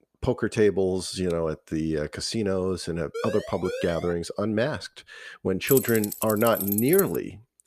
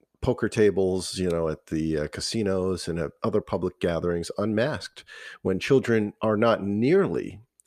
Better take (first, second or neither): second